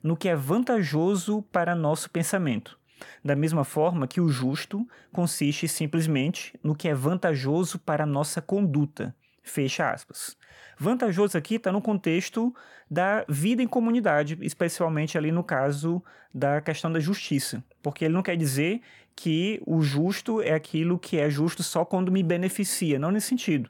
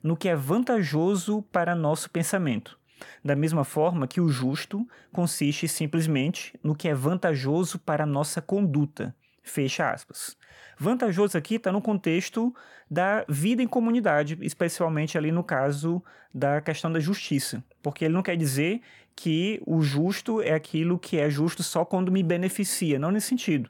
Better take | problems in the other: neither | none

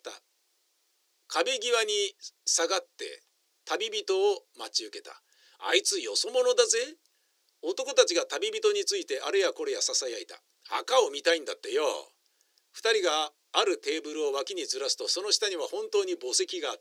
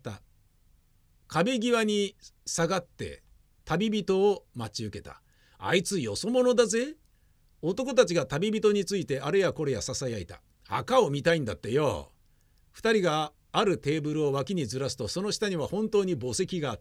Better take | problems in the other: second | thin; very; fading below 350 Hz

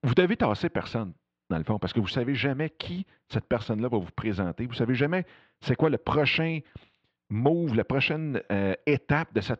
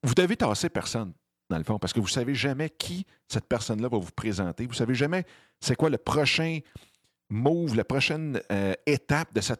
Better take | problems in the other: second | muffled; slightly; fading above 3.5 kHz

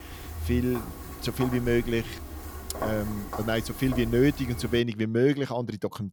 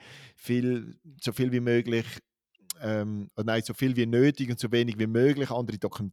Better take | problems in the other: second | footsteps; noticeable; until 5 s; peak 6 dB below the speech

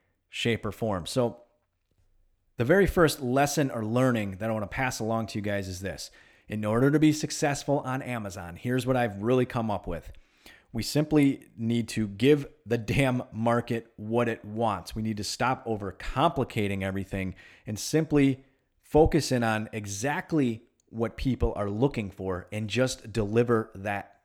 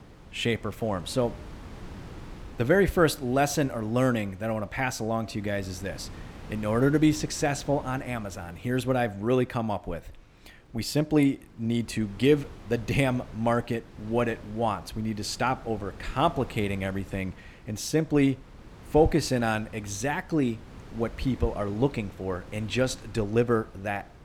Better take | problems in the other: first | wind noise on the microphone; occasional gusts; 20 dB below the speech

